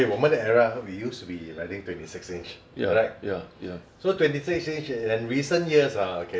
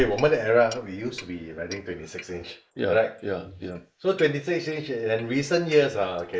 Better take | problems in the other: first | noise reduction (neural mask model Resemble Enhance denoiser)

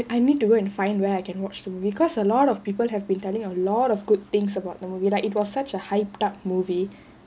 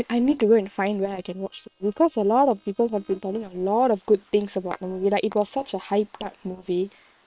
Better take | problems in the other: first | noise reduction (neural separator model SepFormer WHAM!)

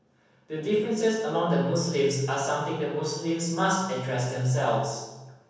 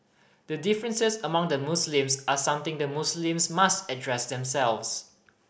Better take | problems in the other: second | room echo; dies away in 1.1 s

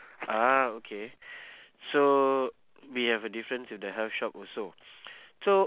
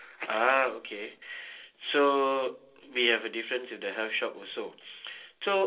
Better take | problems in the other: first | room echo; dies away in 0.2 s

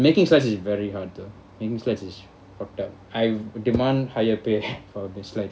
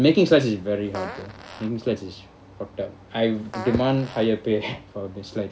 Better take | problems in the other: first | background sound (Fart); 16 dB below the speech

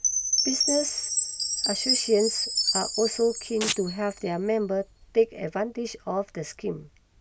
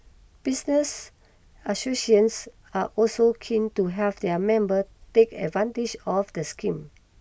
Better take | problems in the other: second | background sound (Domestic sounds, home sounds + Chime); 1 dB below the speech

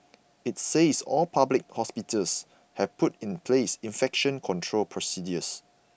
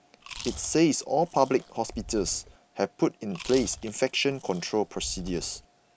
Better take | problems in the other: first | background sound (Chewing, mastication); 16 dB below the speech

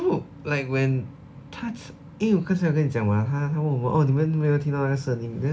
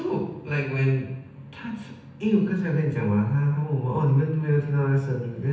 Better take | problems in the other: first | room echo; dies away in 0.9 s

